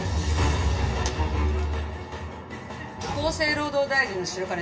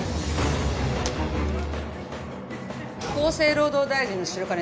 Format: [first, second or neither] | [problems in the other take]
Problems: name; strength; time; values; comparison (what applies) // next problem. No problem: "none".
second | room echo; dies away in 0.2 s